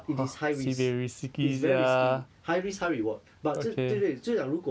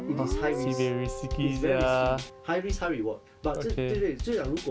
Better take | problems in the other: first | background sound (Bass drum / Snare drum / Drum kit + Guitar); 6 dB below the speech

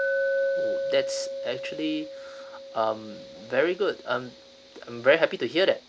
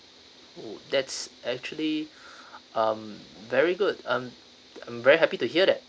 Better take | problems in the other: second | background sound (Glass); 4 dB below the speech

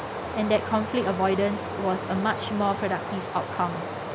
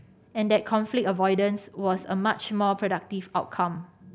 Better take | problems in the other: second | background sound (Stream); 5 dB below the speech

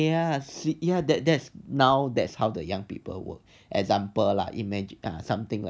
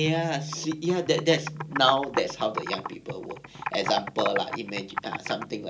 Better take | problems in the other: first | background sound (Computer keyboard); 8 dB below the speech // room echo; dies away in 0.2 s

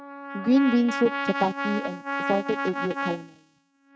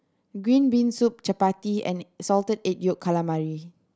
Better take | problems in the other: second | noise reduction (neural mask model RNNoise)

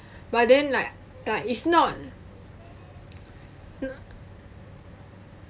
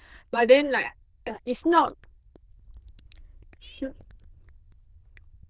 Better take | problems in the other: first | noise reduction (neural diffusion model UNIVERSE++)

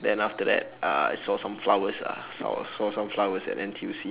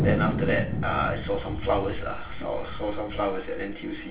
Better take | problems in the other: first | background sound (Thunder); 2 dB below the speech // room echo; dies away in 0.3 s

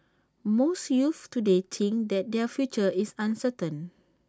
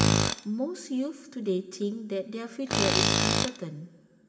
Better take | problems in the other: first | background sound (Tools); 4 dB above the speech // room echo; dies away in 2.5 s

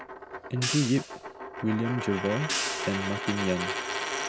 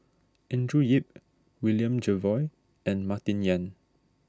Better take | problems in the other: second | background sound (Coin (dropping) + Hi-hat); 3 dB below the speech

